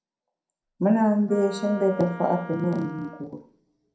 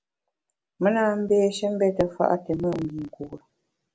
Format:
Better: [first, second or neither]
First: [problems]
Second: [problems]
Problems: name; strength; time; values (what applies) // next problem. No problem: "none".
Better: second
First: background sound (Wind instrument, woodwind instrument); 17 dB below the speech // room echo; dies away in 0.4 s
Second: none